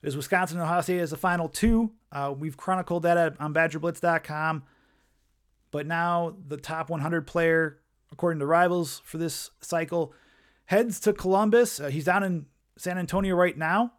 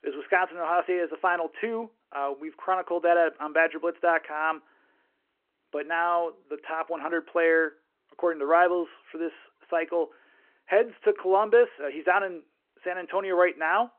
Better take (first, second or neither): first